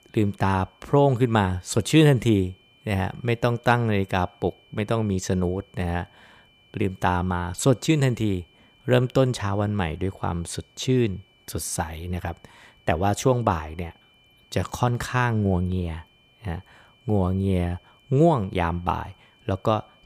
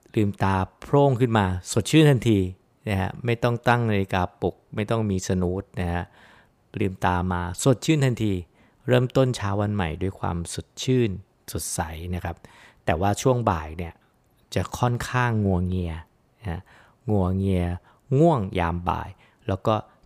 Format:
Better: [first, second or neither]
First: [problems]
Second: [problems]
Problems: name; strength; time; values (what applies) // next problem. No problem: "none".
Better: second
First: high-pitched whine; faint; throughout; 3 kHz, 35 dB below the speech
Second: none